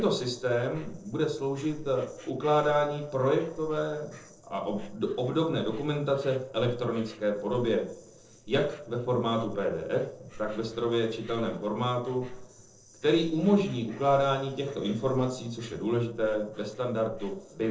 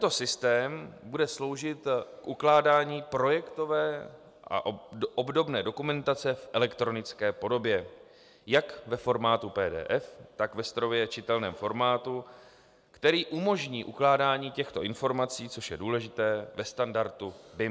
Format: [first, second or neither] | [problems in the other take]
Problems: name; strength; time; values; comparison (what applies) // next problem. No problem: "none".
second | noise reduction (neural separator model SepFormer DNS4)